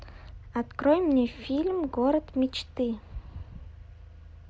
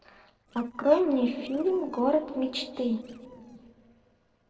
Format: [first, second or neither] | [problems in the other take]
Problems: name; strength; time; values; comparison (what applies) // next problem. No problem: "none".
first | noise reduction (neural separator model SepFormer DNS4)